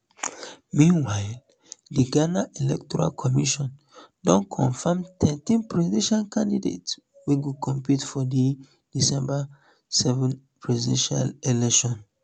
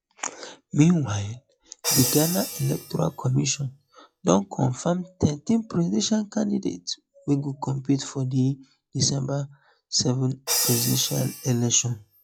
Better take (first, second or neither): first